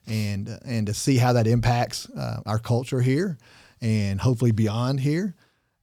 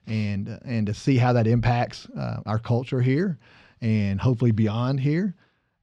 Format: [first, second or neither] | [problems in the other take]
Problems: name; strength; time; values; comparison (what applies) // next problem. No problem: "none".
first | muffled; very slightly; fading above 3 kHz